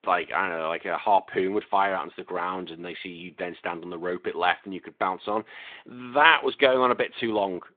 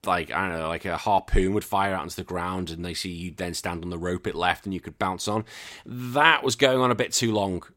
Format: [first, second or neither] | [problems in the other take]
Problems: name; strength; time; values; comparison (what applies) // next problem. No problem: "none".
second | phone-call audio